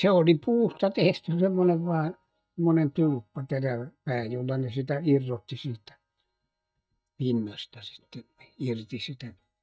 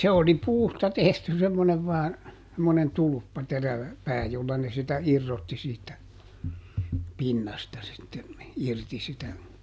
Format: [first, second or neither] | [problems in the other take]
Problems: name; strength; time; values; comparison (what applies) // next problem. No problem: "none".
second | noise reduction (neural mask model DeepFilterNet 3)